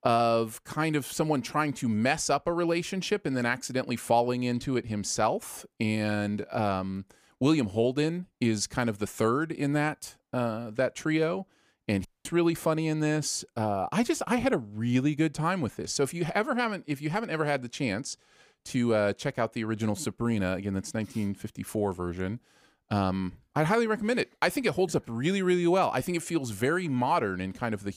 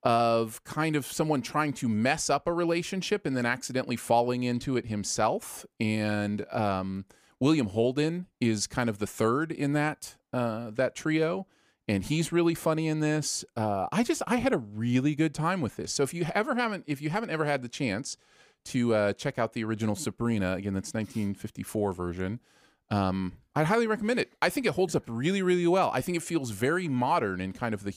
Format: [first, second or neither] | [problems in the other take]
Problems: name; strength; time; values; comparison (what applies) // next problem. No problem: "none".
second | audio cutting out; at 12 s